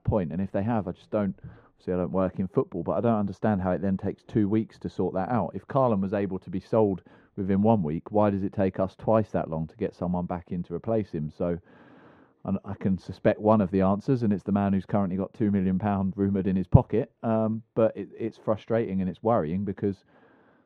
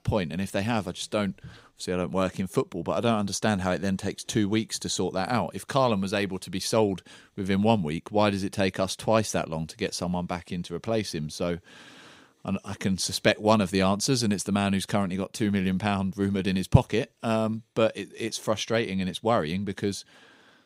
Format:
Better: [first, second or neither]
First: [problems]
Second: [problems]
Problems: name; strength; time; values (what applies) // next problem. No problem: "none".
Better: second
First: muffled; very; fading above 3 kHz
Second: none